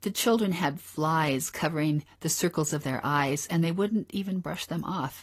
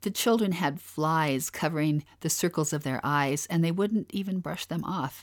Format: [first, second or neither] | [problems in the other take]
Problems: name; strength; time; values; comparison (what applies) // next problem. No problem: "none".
second | garbled, watery; slightly; nothing above 13 kHz